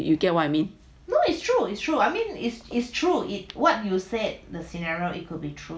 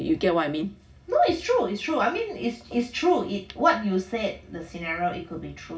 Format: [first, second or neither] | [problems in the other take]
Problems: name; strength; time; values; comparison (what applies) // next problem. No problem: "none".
first | room echo; dies away in 0.4 s